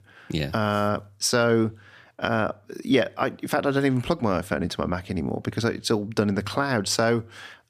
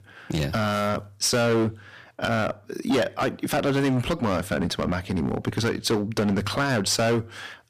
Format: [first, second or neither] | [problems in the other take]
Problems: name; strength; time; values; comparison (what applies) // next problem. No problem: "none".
first | distortion; heavy; 13% of the sound clipped